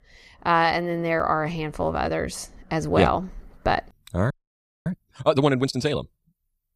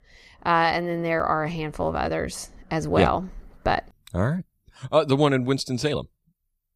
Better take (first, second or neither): second